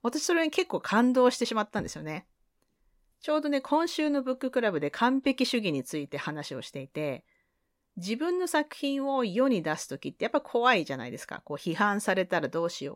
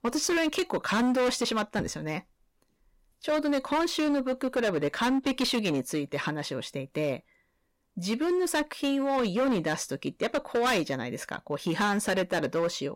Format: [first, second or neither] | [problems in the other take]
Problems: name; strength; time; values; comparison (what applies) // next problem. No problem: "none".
first | distortion; heavy; 13% of the sound clipped